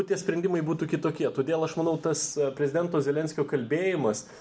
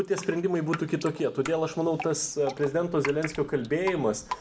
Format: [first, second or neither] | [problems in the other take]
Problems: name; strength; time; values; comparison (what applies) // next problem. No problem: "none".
first | background sound (Drip); 13 dB below the speech